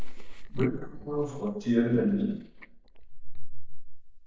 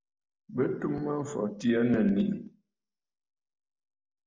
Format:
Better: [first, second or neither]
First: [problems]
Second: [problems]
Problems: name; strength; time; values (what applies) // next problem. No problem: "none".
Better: second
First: noise reduction (neural mask model DeepFilterNet 3)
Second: none